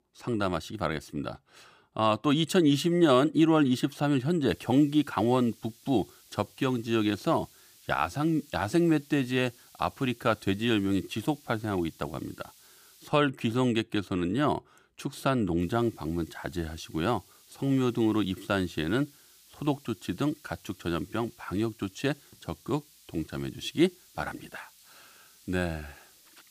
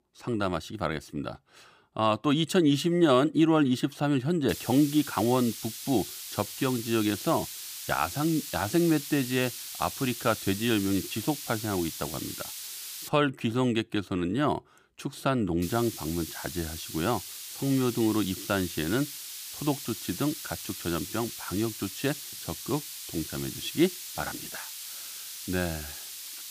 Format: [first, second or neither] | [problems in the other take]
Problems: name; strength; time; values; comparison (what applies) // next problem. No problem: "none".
first | hiss; loud; from 4.5 to 13 s and from 16 s on; 8 dB below the speech; faint in the first